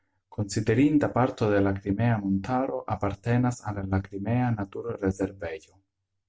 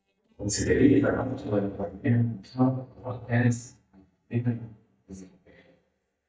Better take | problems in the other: first | noise reduction (neural mask model DeepFilterNet 3)

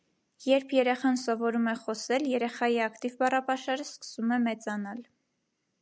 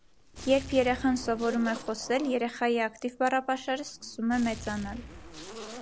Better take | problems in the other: first | background sound (Zipper (clothing) + Gunshot, gunfire); 14 dB below the speech

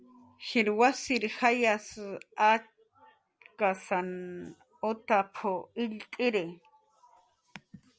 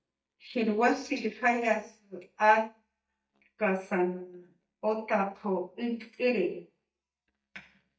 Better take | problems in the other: first | noise reduction (neural mask model DeepFilterNet 3)

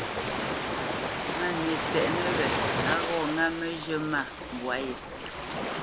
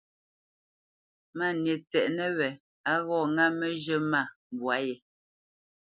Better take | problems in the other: second | background sound (Ocean); 1 dB above the speech

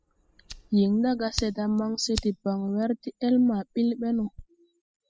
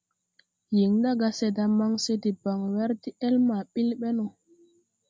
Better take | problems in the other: second | noise reduction (classical method spectral subtraction)

